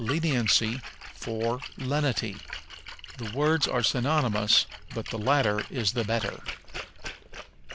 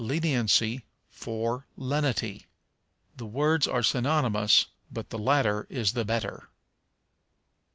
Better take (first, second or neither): second